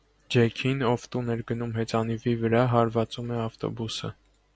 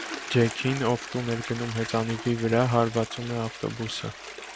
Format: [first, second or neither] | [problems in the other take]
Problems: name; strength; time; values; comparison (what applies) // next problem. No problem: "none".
first | background sound (Toilet flush); 11 dB below the speech